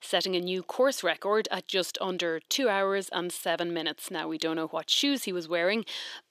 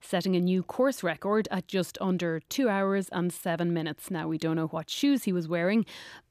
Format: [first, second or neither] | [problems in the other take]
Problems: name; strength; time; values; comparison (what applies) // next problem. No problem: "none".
second | thin; somewhat; fading below 400 Hz